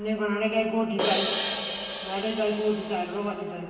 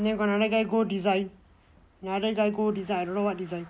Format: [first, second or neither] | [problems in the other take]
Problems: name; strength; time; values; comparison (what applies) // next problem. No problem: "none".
second | background sound (Crash cymbal); 4 dB below the speech // room echo; dies away in 2.3 s